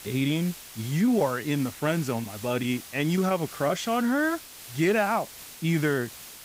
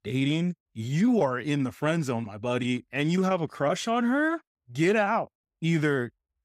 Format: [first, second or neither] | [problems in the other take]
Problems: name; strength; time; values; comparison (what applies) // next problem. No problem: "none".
second | hiss; noticeable; throughout; 15 dB below the speech